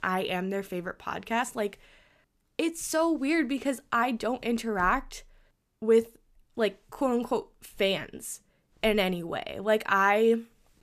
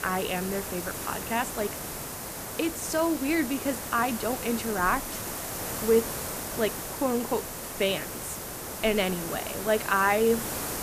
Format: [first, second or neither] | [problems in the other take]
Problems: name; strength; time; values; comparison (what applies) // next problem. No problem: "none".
first | hiss; loud; throughout; 6 dB below the speech